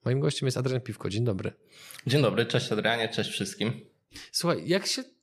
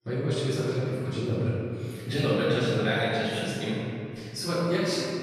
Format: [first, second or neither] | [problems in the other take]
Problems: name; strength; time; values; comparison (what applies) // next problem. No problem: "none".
first | off-mic speech; far // room echo; strong; dies away in 2.5 s